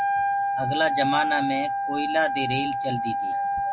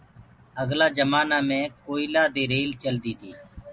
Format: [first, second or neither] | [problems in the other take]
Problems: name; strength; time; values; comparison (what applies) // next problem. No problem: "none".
second | background sound (Wind instrument, woodwind instrument); 3 dB above the speech